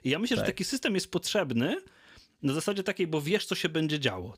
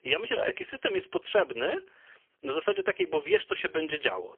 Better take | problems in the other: first | phone-call audio; poor line; nothing above 3 kHz

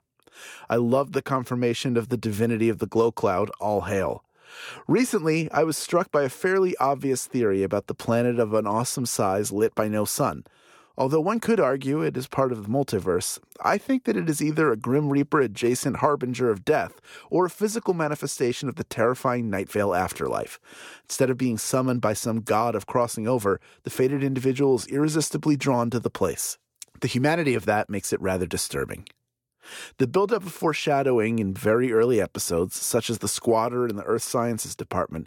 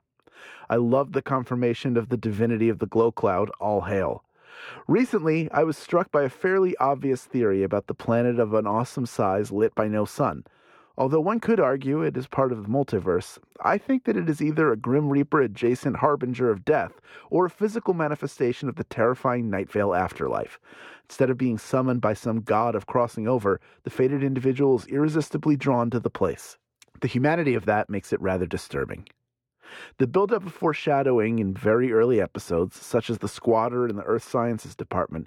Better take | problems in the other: first | muffled; slightly; fading above 4 kHz

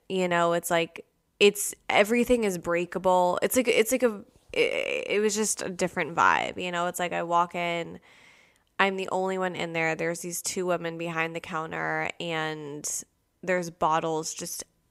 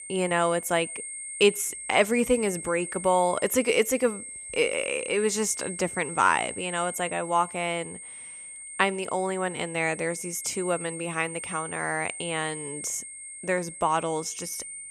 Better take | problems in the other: first | high-pitched whine; loud; throughout; 8.5 kHz, 9 dB below the speech

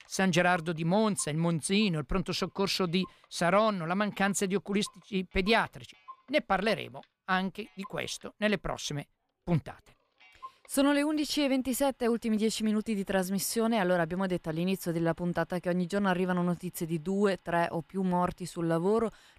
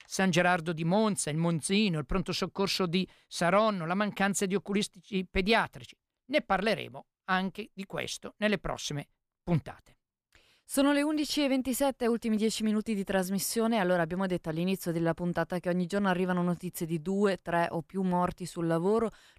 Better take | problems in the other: second | household noises; faint; throughout; 30 dB below the speech

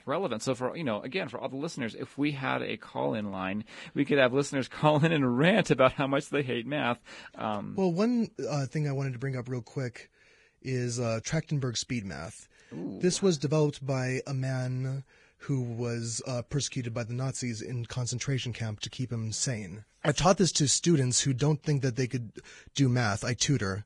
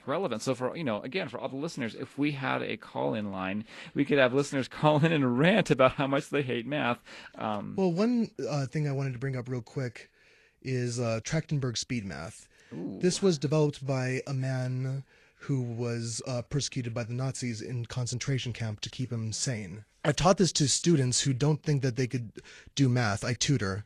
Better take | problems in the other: second | garbled, watery; badly; slightly in the second

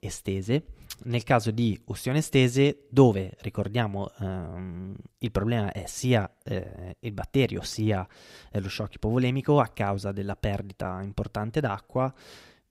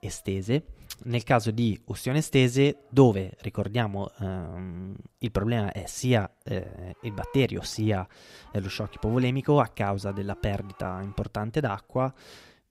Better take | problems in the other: first | animal sounds; faint; throughout; 25 dB below the speech

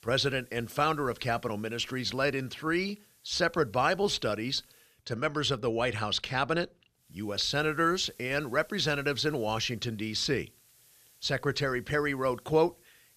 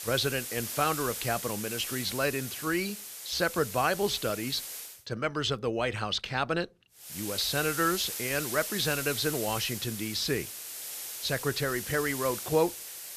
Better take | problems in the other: first | hiss; loud; until 5 s and from 7 s on; 5 dB below the speech; faint in the first

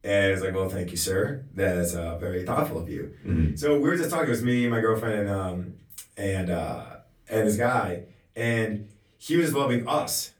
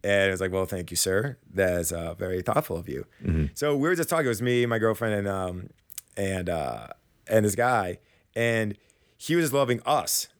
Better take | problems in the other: second | off-mic speech; far // room echo; very slight; dies away in 0.3 s

